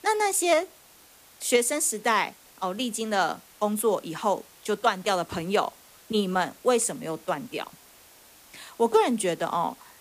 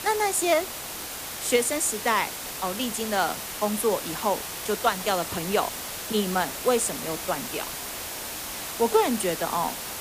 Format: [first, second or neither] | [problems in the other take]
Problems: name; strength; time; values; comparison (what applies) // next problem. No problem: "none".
first | hiss; loud; throughout; 6 dB below the speech; faint in the first